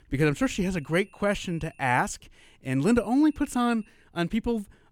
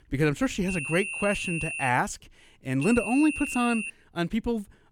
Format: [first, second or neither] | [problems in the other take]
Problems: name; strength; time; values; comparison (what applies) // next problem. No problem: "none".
first | high-pitched whine; loud; from 0.5 to 2 s and from 3 to 4 s; 2.5 kHz, 5 dB below the speech; faint in the first